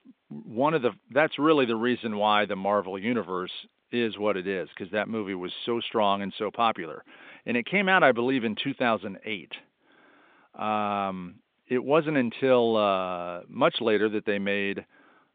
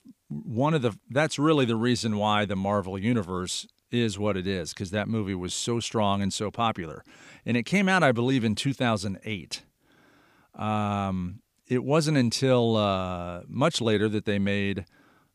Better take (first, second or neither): second